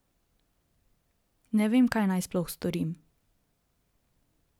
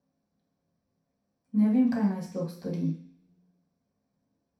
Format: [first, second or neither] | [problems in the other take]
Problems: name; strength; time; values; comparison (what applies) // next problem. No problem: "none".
first | room echo; dies away in 0.6 s